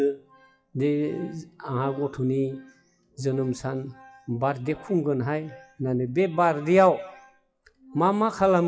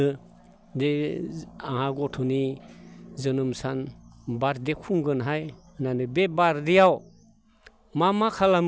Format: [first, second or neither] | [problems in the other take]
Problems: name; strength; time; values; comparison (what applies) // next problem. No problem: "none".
second | noise reduction (classical method WPE with log-MMSE)